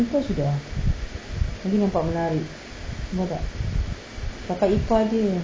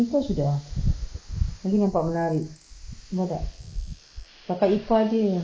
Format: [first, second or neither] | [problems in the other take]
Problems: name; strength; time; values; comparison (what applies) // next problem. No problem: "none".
first | noise reduction (neural mask model Resemble Enhance denoiser)